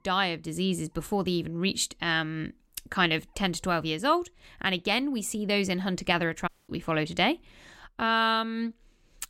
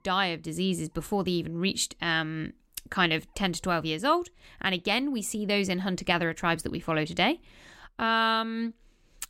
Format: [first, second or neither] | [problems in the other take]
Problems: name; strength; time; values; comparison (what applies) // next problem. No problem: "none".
second | audio cutting out; at 6.5 s